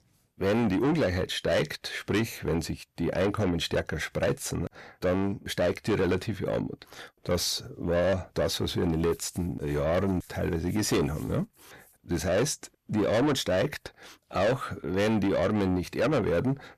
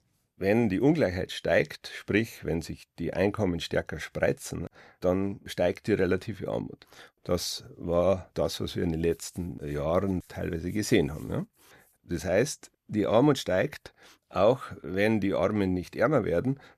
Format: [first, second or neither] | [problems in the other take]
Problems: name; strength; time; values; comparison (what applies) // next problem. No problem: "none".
second | distortion; heavy; 7 dB below the speech